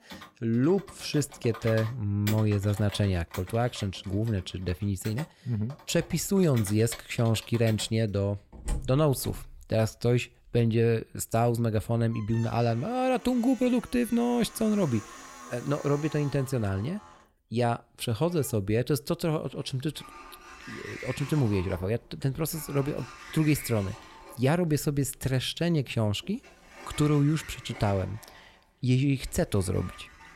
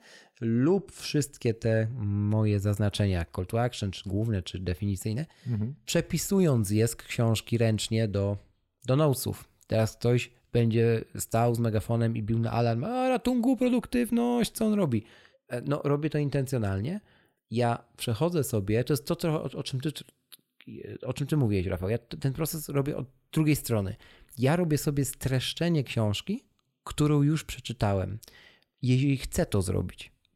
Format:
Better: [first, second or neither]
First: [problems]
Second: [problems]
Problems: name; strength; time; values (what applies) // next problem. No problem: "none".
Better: second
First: household noises; noticeable; throughout; 15 dB below the speech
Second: none